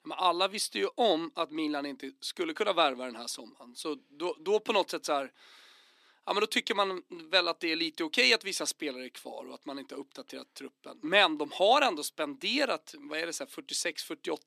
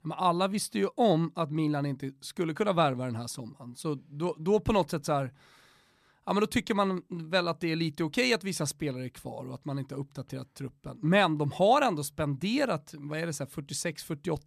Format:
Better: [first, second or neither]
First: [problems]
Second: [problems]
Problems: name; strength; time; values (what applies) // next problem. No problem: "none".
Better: second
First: thin; somewhat; fading below 250 Hz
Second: none